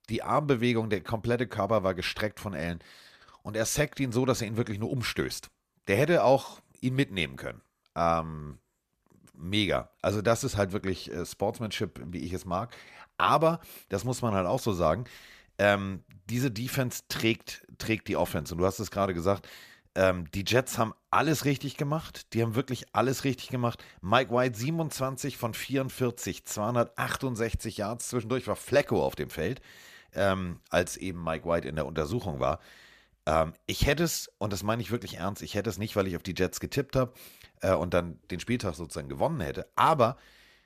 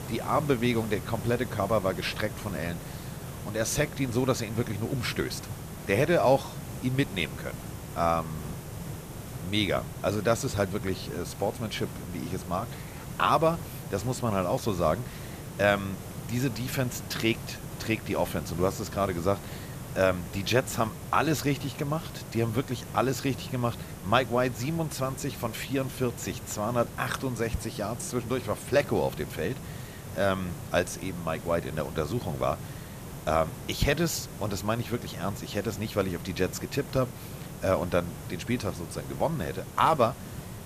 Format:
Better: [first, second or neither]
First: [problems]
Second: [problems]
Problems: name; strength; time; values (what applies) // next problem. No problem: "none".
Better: first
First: none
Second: hiss; noticeable; throughout; 10 dB below the speech